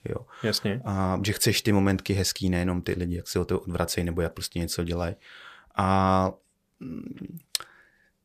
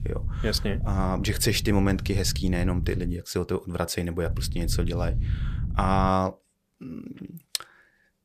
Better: first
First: none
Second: low rumble; noticeable; until 3 s and from 4.5 to 6 s; 15 dB below the speech

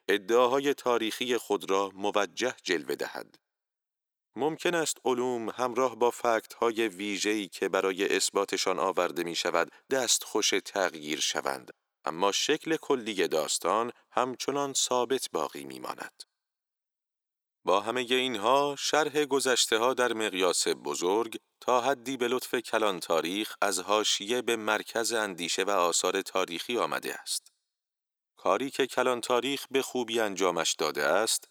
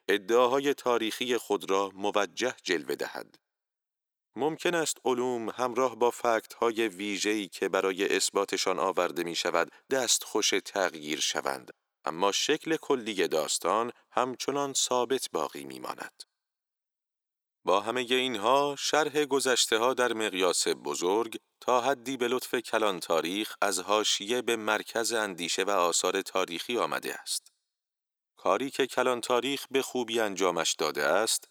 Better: neither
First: thin; very; fading below 400 Hz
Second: thin; very; fading below 400 Hz

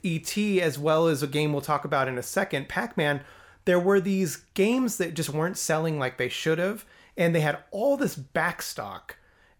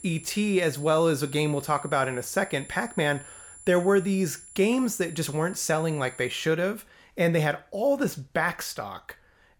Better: first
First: none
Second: high-pitched whine; noticeable; until 6.5 s; 10 kHz, 20 dB below the speech

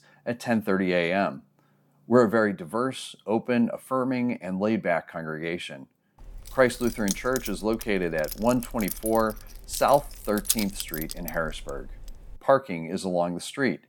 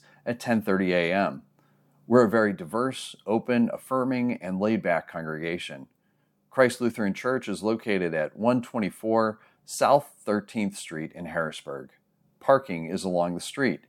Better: second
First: jangling keys; loud; from 6.5 to 12 s; peak level with the speech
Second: none

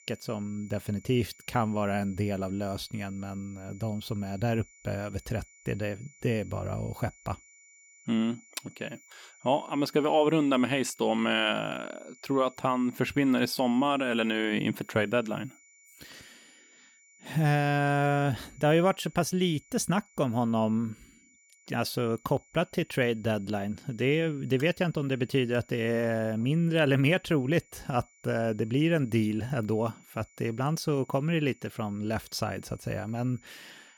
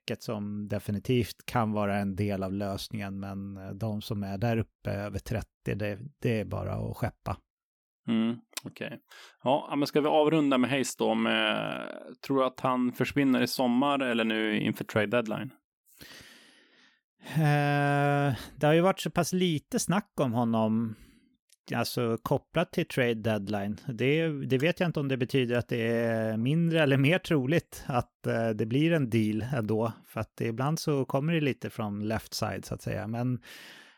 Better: second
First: high-pitched whine; faint; throughout; 2.5 kHz, 25 dB below the speech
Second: none

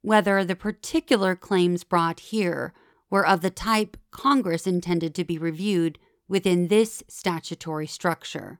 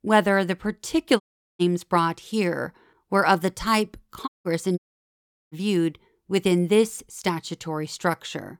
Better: first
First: none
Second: audio cutting out; at 1 s, at 4.5 s and at 5 s for 0.5 s

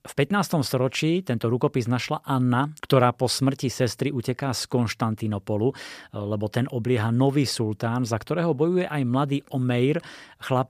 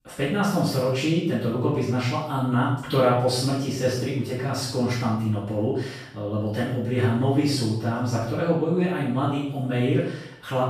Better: first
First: none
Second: off-mic speech; far // room echo; strong; dies away in 0.6 s

